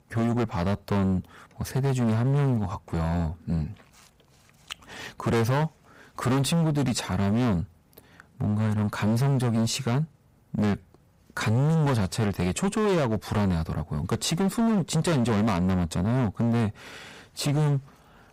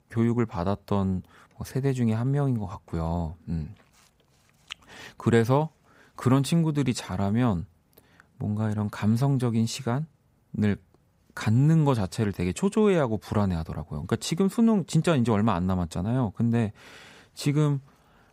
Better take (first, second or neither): second